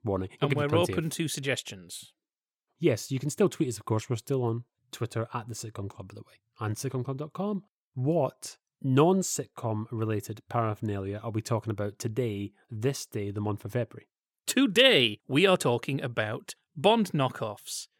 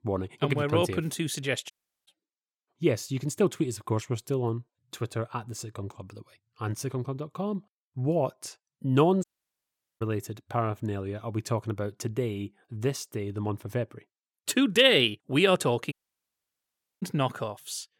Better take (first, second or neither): first